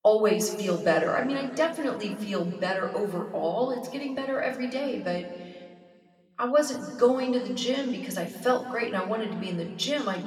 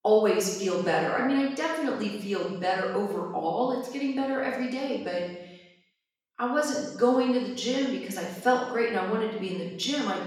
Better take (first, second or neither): first